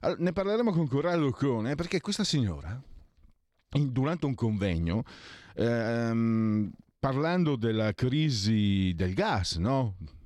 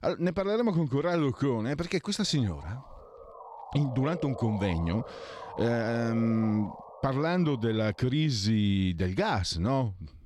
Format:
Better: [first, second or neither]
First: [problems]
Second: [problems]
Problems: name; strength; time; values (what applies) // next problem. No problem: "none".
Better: first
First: none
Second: siren; faint; from 2.5 to 8 s; peak 10 dB below the speech